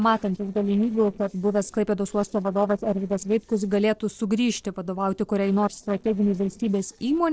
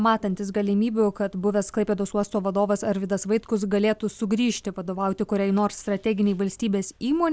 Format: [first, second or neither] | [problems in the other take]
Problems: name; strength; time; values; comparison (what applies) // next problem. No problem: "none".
second | noise reduction (neural separator model SepFormer DNS4)